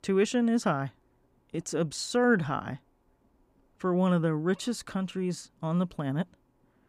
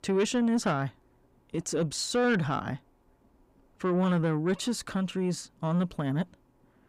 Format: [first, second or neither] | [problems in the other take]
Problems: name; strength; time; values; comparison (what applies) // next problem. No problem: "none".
first | distortion; slight; 10 dB below the speech